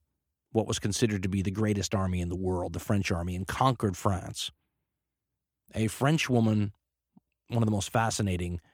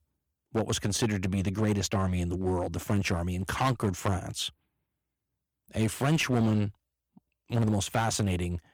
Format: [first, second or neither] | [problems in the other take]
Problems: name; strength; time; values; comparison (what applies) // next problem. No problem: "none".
first | distortion; slight; 7% of the sound clipped